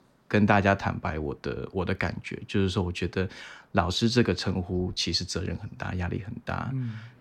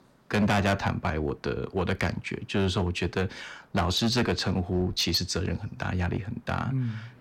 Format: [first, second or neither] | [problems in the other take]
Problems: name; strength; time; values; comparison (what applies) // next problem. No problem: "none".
first | distortion; heavy; 5% of the sound clipped